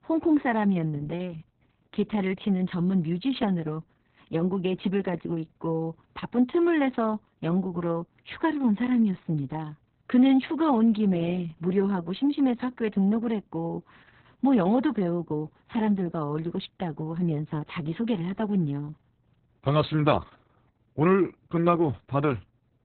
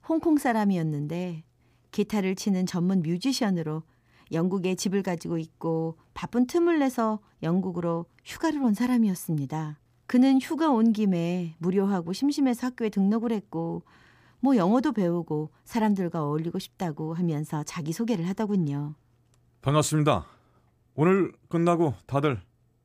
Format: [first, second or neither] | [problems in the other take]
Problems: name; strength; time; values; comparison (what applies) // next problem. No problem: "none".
second | garbled, watery; badly; nothing above 4 kHz